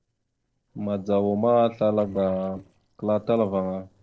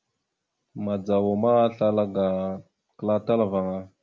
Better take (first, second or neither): second